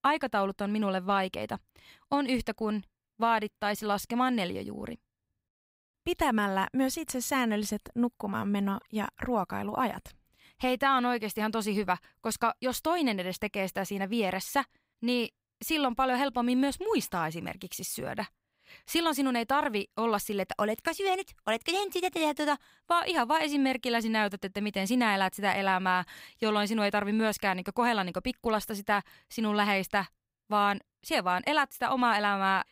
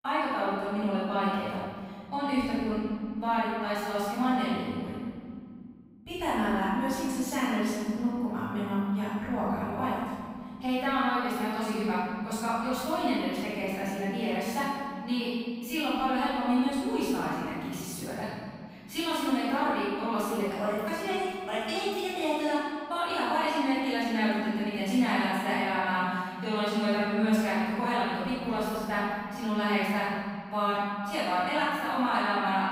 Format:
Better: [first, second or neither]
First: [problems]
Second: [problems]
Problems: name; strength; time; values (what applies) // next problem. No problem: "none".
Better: first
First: none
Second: room echo; strong; dies away in 2.2 s // off-mic speech; far